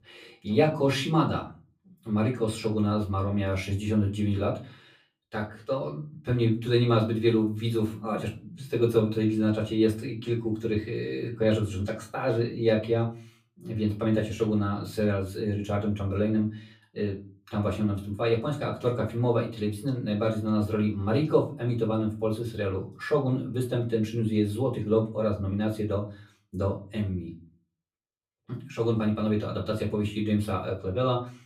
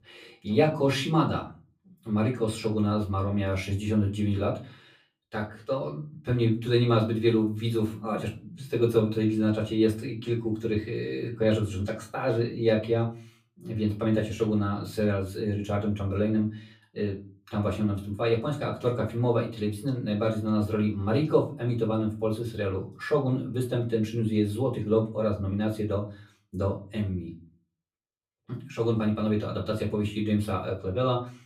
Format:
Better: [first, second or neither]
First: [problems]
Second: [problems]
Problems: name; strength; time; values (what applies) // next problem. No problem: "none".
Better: neither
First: off-mic speech; far // room echo; very slight; dies away in 0.4 s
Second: off-mic speech; far // room echo; very slight; dies away in 0.4 s